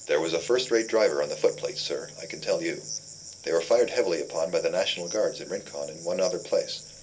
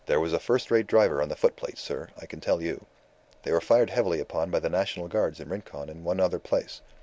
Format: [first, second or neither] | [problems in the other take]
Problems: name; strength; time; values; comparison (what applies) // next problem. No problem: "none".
second | background sound (Cricket); 15 dB below the speech // room echo; dies away in 0.2 s